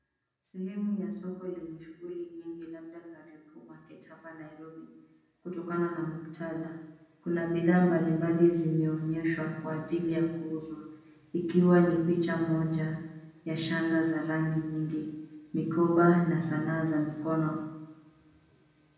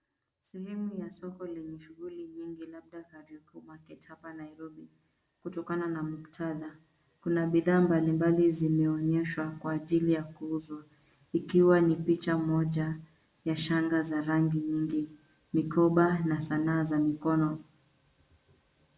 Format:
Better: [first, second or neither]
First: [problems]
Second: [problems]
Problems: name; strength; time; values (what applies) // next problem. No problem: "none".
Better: second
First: room echo; dies away in 0.9 s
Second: none